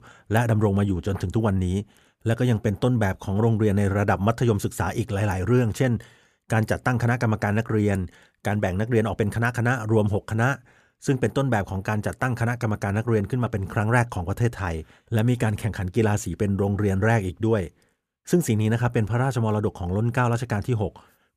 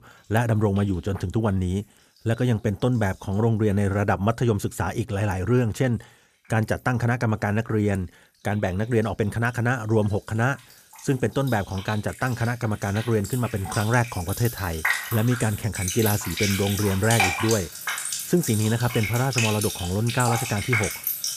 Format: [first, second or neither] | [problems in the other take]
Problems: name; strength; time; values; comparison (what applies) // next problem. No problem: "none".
first | household noises; loud; throughout; 4 dB below the speech